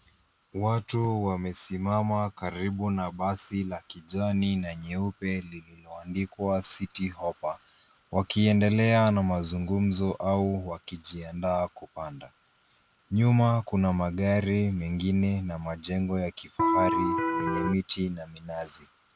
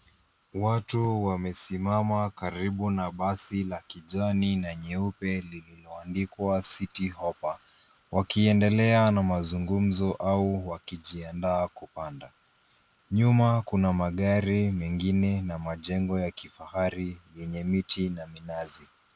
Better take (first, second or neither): second